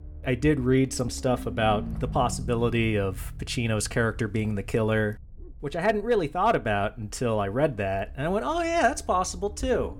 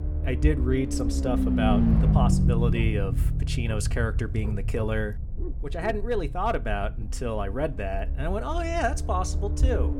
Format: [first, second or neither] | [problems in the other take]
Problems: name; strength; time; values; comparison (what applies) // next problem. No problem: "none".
first | low rumble; loud; throughout; 6 dB below the speech; faint in the first